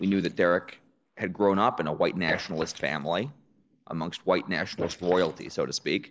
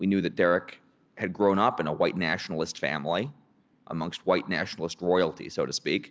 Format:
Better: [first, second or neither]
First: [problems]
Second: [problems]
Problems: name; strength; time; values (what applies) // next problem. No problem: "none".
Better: second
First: noise reduction (neural mask model Resemble Enhance denoiser)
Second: none